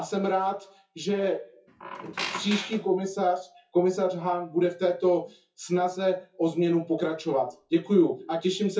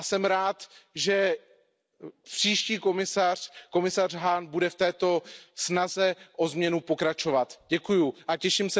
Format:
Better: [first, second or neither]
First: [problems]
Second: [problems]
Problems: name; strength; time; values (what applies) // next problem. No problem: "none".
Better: second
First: noise reduction (classical method WPE with log-MMSE)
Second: none